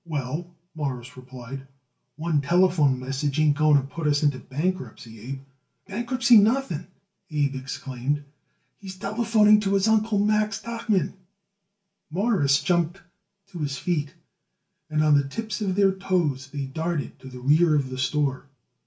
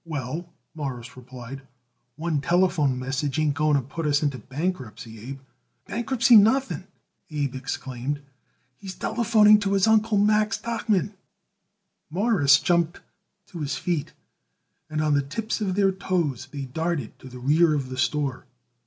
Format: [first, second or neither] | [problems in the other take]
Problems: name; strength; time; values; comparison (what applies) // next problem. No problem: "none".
second | room echo; dies away in 0.2 s